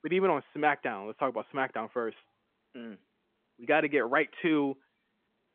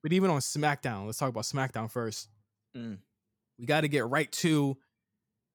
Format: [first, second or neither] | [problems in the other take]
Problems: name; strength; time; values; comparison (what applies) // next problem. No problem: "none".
second | phone-call audio; nothing above 3.5 kHz